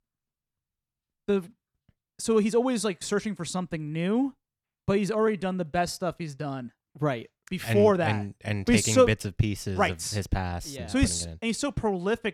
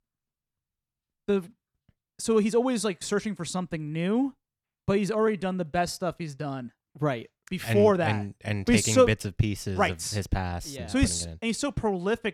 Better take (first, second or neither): neither